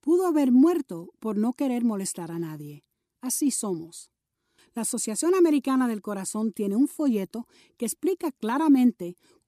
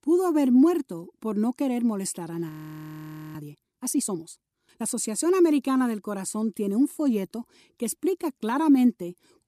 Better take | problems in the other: first | audio freezing; at 2.5 s for 1 s

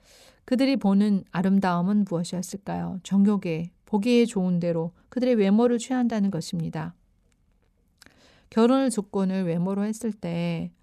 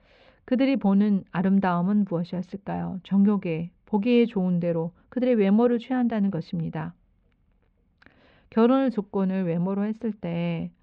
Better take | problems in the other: first | muffled; slightly; fading above 3 kHz

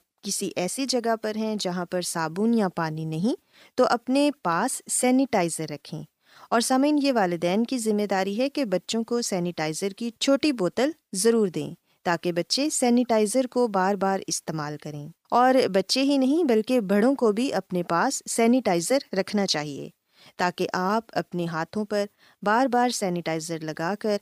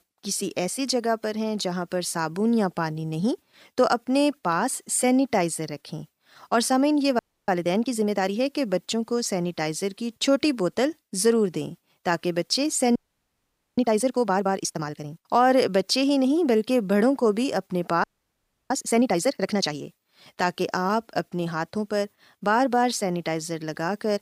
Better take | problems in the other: first | audio freezing; at 7 s, at 13 s for 1 s and at 18 s for 0.5 s

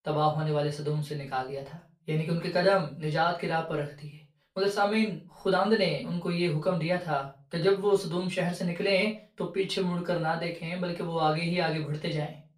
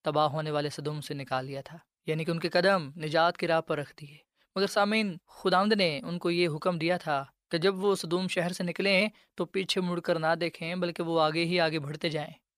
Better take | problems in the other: second | room echo; slight; dies away in 0.3 s // off-mic speech; far

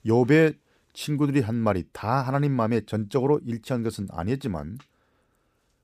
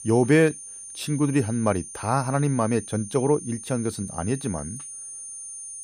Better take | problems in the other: first | high-pitched whine; noticeable; throughout; 9.5 kHz, 10 dB below the speech

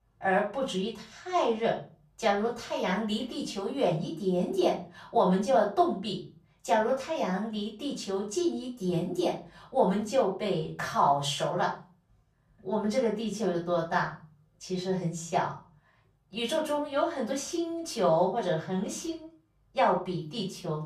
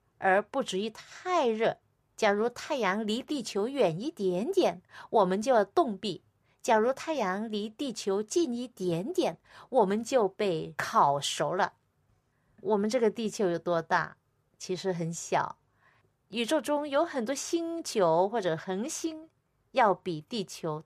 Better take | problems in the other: second | off-mic speech; far // room echo; slight; dies away in 0.4 s

